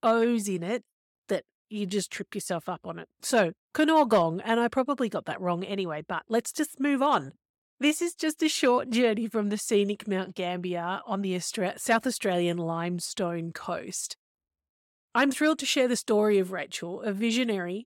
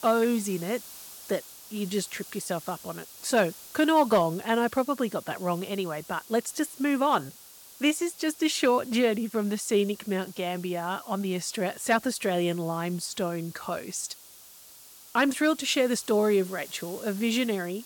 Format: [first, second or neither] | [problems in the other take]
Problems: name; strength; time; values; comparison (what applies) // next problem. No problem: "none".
first | hiss; noticeable; throughout; 15 dB below the speech